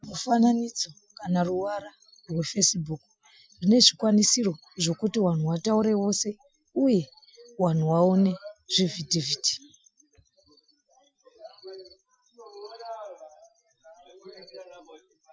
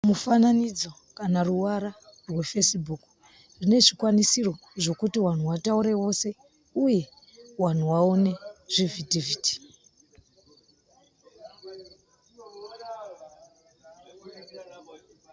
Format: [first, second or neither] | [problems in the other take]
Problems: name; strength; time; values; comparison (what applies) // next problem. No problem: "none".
second | noise reduction (classical method Wiener filter)